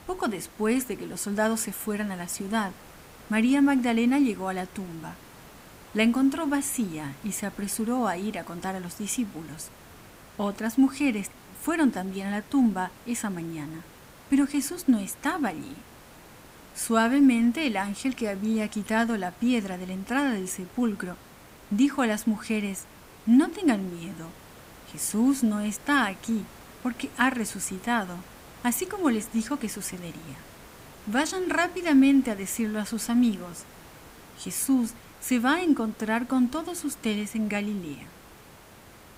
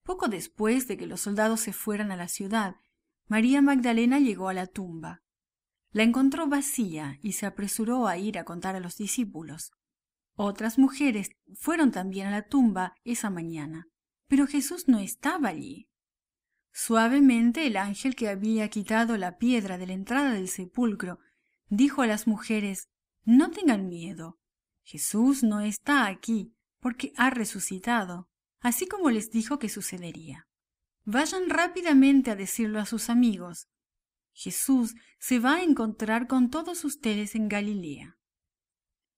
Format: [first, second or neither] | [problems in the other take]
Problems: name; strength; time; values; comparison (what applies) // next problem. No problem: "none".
second | hiss; faint; throughout; 20 dB below the speech